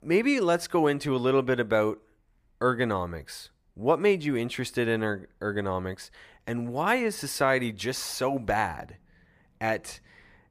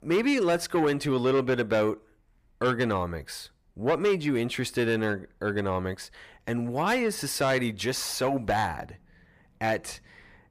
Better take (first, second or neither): first